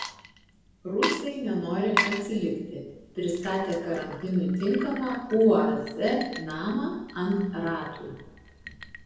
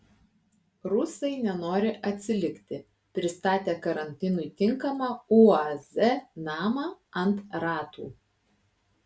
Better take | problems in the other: second | background sound (Water / Liquid); 9 dB below the speech // room echo; dies away in 0.9 s

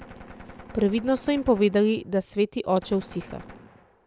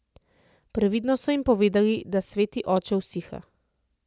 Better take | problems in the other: second | background sound (Gunshot, gunfire); 20 dB below the speech

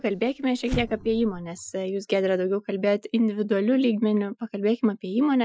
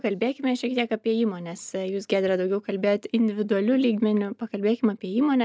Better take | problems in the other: second | noise reduction (classical method Wiener filter)

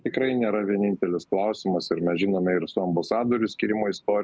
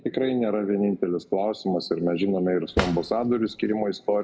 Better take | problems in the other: first | background sound (Drawer open or close); 8 dB below the speech // room echo; dies away in 0.7 s

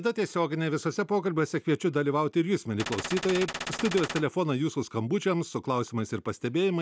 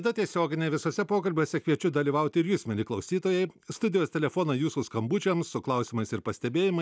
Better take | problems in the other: second | background sound (Gunshot, gunfire); 7 dB below the speech

